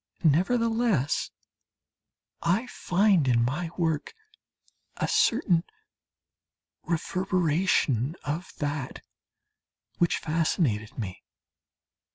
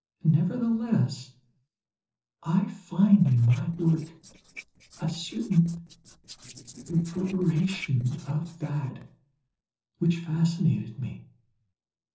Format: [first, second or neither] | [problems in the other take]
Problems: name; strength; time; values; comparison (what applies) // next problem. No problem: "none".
first | noise reduction (neural separator model SepFormer DNS4)